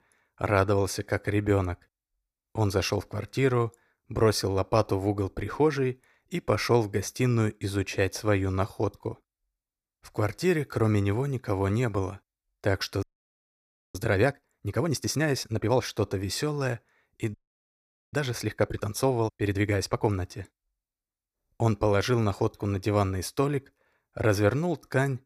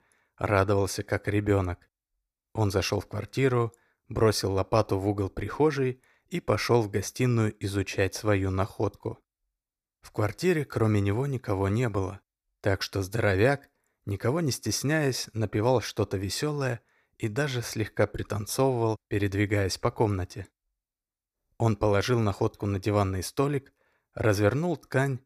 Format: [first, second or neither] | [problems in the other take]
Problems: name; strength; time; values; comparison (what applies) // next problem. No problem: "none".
second | audio freezing; at 13 s for 1 s and at 17 s for 1 s